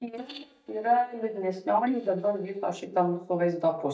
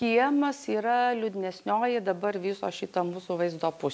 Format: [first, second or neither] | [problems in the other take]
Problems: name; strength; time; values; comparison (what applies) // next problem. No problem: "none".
second | noise reduction (neural mask model DeepFilterNet 3)